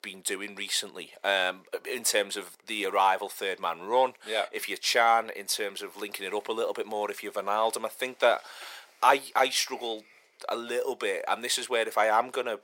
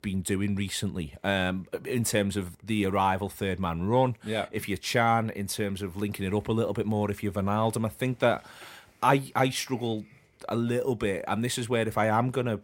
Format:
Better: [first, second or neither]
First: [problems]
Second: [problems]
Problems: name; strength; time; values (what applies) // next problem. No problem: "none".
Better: second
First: thin; very; fading below 450 Hz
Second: none